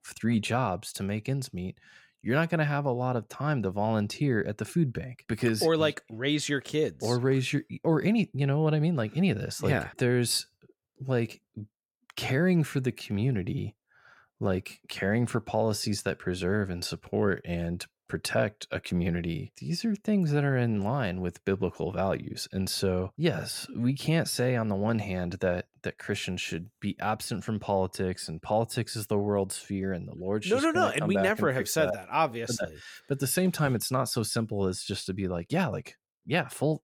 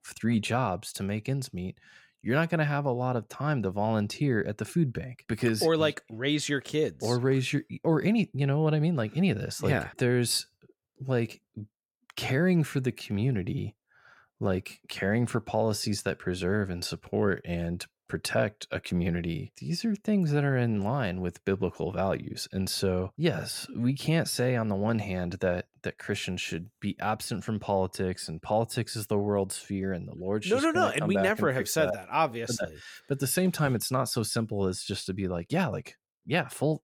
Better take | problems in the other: neither | none

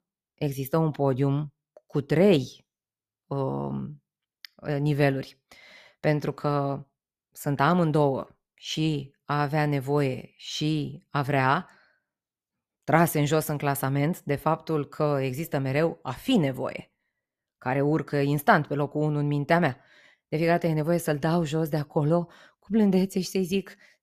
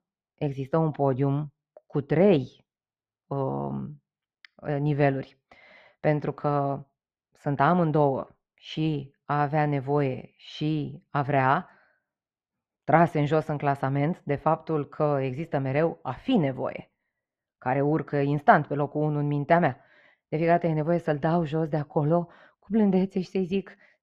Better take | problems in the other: first | muffled; slightly; fading above 2.5 kHz

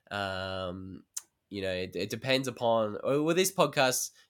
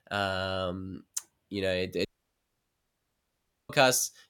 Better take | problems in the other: first | audio cutting out; at 2 s for 1.5 s

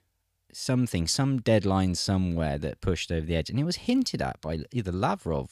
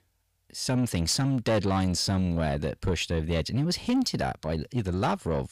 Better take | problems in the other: first | distortion; slight; 10 dB below the speech

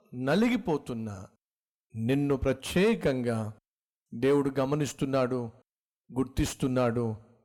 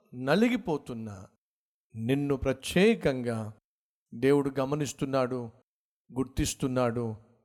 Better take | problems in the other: second | distortion; slight; 10 dB below the speech

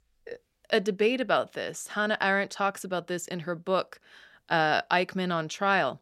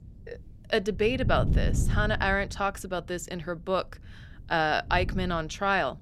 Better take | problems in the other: first | wind noise on the microphone; occasional gusts; 15 dB below the speech

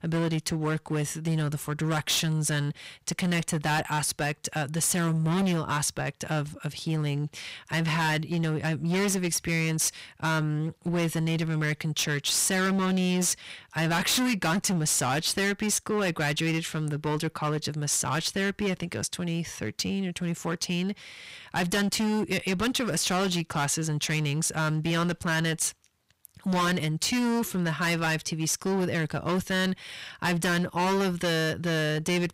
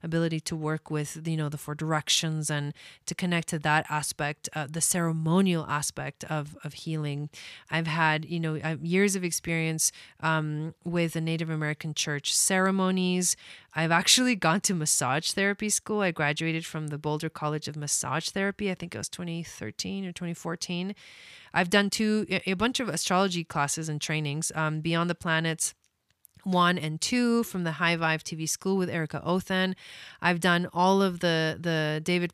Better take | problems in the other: second | distortion; heavy; 19% of the sound clipped

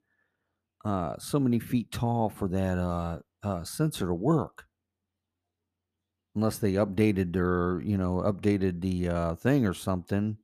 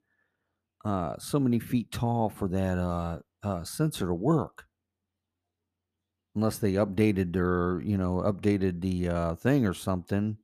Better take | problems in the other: neither | none

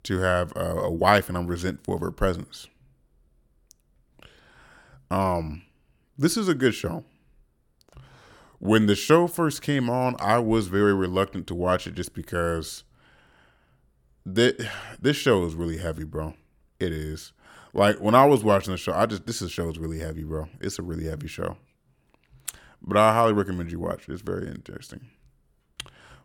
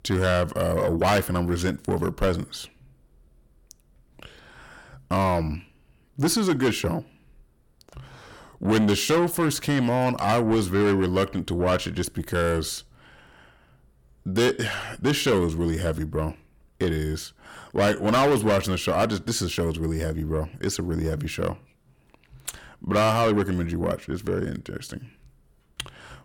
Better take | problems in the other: first | distortion; heavy; 7 dB below the speech

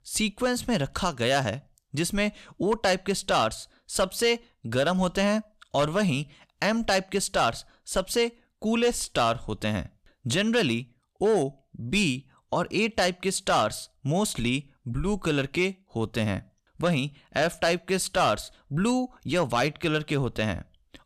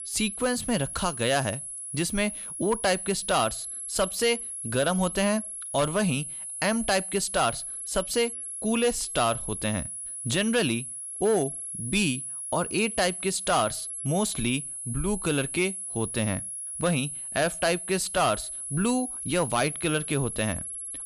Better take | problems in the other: first | high-pitched whine; loud; throughout; 11 kHz, 6 dB below the speech

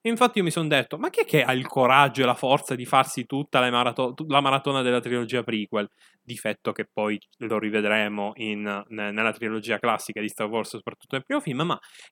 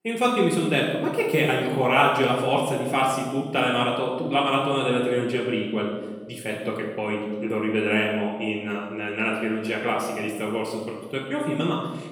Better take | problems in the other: first | room echo; noticeable; dies away in 1.2 s // off-mic speech; far

